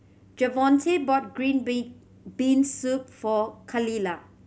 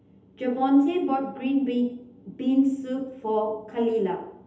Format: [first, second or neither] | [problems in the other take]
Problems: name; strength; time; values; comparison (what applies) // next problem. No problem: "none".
first | room echo; dies away in 0.8 s